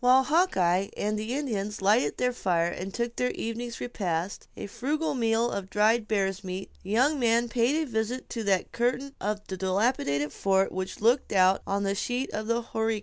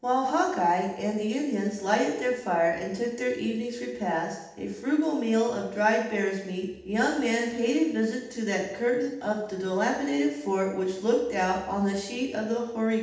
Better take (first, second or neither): first